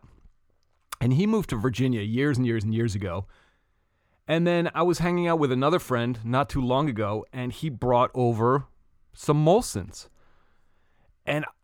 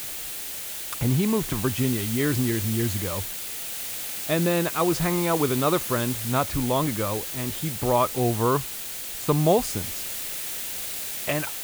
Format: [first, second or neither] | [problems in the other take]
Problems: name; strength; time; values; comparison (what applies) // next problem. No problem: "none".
first | hiss; loud; throughout; 4 dB below the speech